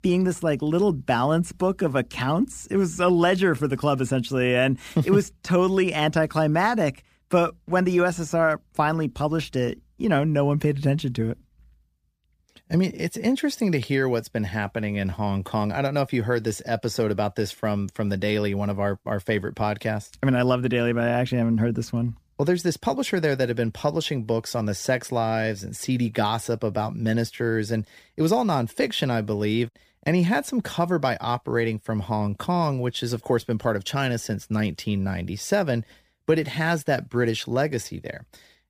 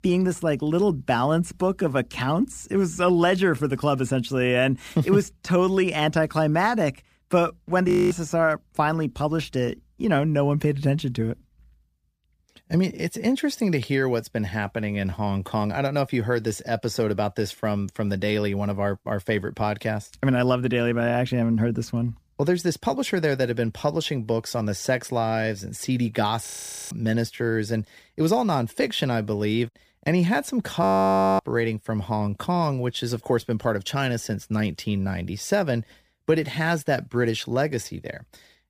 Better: first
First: none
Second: audio freezing; at 8 s, at 26 s and at 31 s for 0.5 s

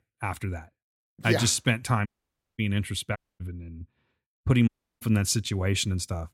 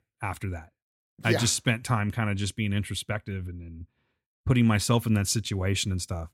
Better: second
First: audio cutting out; at 2 s for 0.5 s, at 3 s and at 4.5 s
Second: none

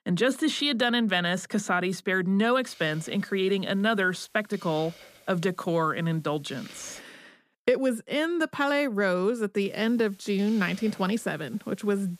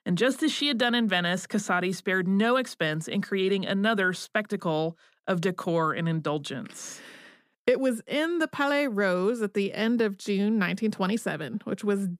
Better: second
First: hiss; faint; from 2.5 to 7 s and from 9.5 s on; 25 dB below the speech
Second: none

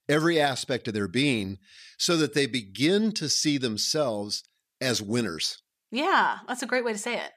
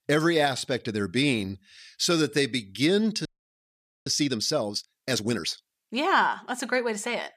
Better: first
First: none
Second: audio freezing; at 3.5 s for 1 s

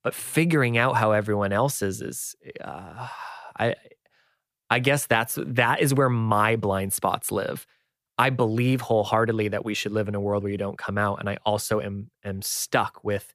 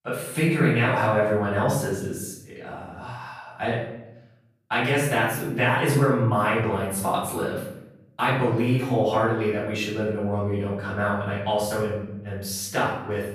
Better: first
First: none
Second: off-mic speech; far // room echo; noticeable; dies away in 0.8 s

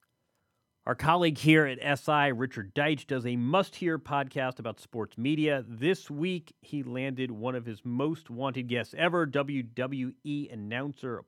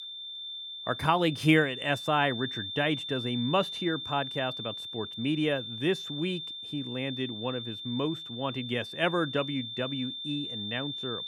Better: first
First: none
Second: high-pitched whine; loud; throughout; 3.5 kHz, 6 dB below the speech

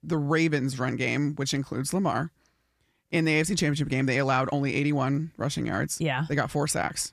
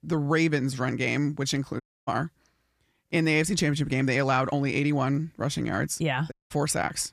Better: first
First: none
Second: audio cutting out; at 2 s and at 6.5 s

